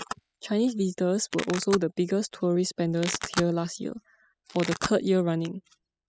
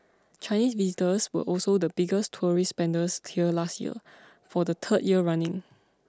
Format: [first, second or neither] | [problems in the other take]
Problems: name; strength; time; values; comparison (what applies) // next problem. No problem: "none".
second | noise reduction (classical method spectral subtraction)